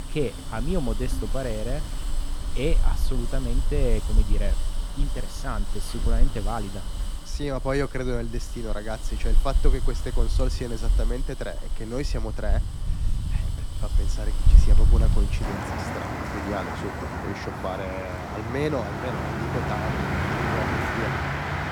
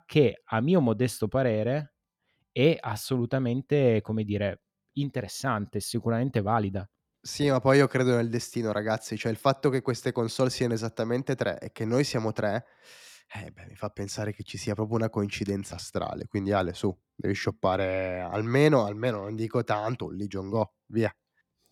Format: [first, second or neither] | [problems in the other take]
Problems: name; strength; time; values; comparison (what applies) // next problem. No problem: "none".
second | traffic noise; very loud; throughout; 4 dB above the speech